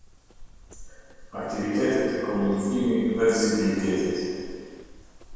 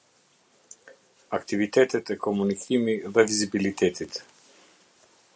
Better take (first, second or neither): second